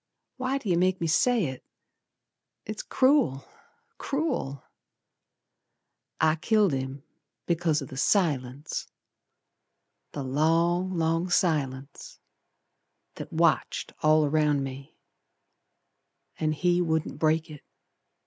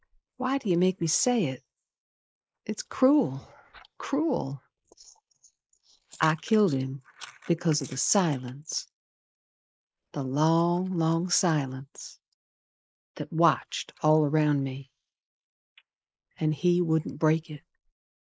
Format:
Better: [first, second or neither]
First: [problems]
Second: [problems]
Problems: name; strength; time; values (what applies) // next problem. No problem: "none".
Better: first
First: none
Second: noise reduction (neural mask model Resemble Enhance denoiser)